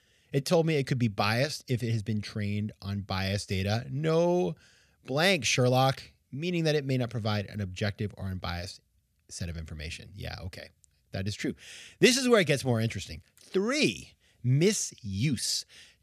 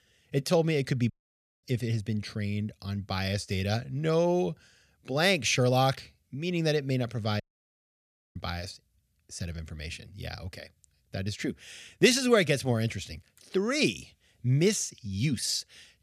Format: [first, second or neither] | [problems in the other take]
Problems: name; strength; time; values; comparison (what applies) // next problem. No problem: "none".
first | audio cutting out; at 1 s for 0.5 s and at 7.5 s for 1 s